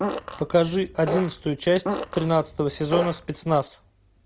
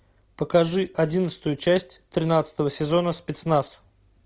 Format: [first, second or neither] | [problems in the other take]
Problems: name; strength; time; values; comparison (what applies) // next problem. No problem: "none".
second | background sound (Fart); 7 dB below the speech